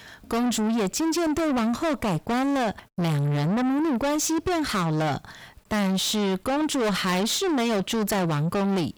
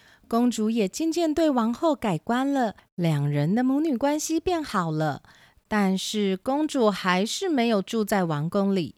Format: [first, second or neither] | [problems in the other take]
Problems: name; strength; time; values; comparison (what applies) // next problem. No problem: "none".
second | distortion; heavy; 6 dB below the speech